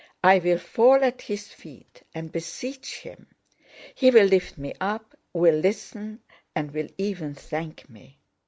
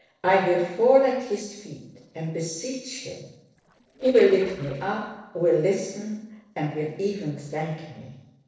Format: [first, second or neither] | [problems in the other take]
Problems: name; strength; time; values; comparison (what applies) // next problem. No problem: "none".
first | noise reduction (neural separator model SepFormer DNS4)